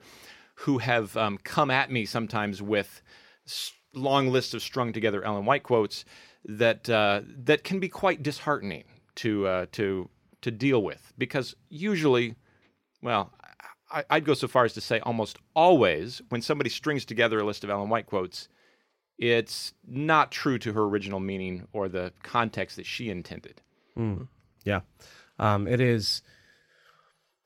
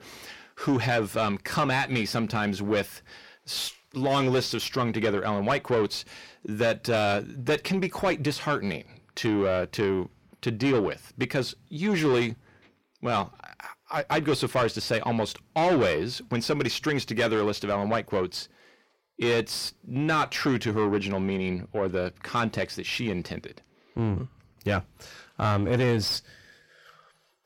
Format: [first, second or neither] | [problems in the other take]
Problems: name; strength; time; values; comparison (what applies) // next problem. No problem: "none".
first | distortion; heavy; 7 dB below the speech